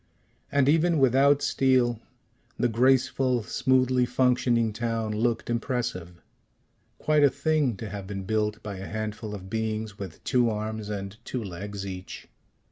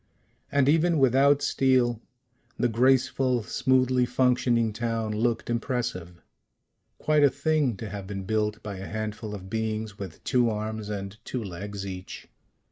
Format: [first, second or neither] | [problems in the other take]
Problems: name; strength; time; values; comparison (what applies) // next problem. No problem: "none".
first | noise reduction (neural mask model Resemble Enhance denoiser)